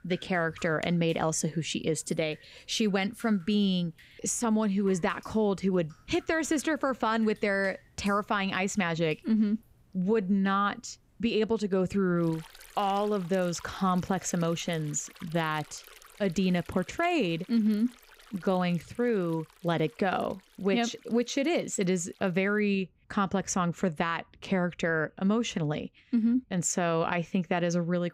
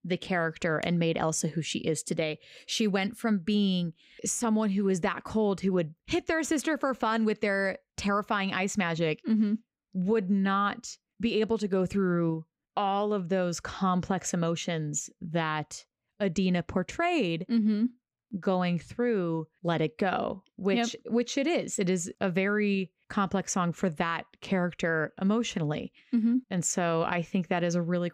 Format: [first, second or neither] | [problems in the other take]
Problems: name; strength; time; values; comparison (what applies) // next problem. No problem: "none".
second | rain or running water; faint; throughout; 25 dB below the speech